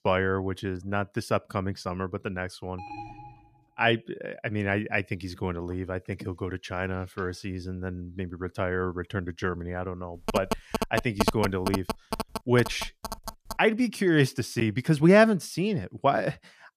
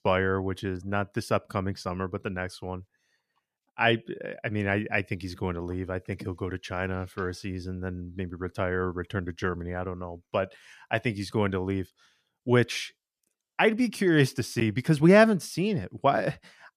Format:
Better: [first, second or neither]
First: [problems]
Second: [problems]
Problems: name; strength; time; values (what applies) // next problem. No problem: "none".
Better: second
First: alarm; faint; at 3 s; peak 15 dB below the speech // phone ringing; loud; from 10 to 14 s; peak level with the speech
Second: none